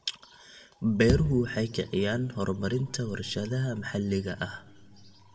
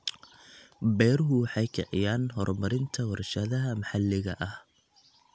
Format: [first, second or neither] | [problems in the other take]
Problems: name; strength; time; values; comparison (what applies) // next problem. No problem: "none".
second | background sound (Bass drum); 4 dB below the speech // room echo; dies away in 1.3 s